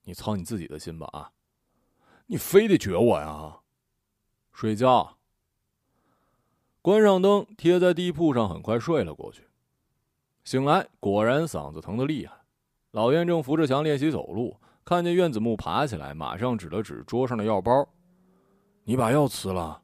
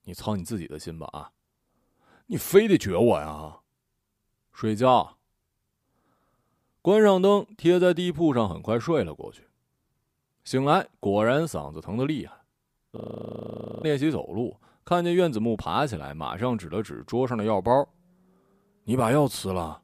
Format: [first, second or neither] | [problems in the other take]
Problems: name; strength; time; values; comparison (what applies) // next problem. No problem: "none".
first | audio freezing; at 13 s for 1 s